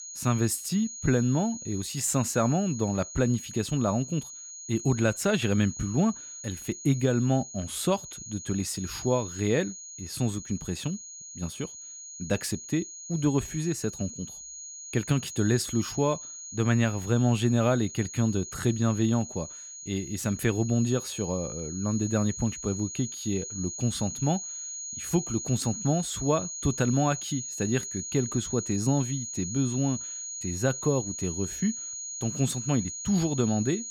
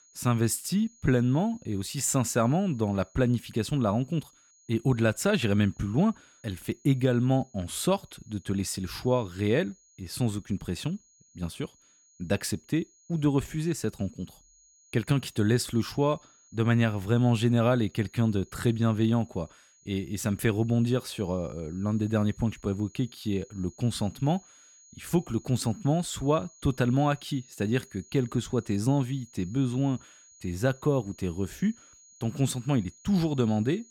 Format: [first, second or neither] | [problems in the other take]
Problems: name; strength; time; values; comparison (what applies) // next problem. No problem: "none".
second | high-pitched whine; loud; throughout; 6.5 kHz, 8 dB below the speech; faint in the second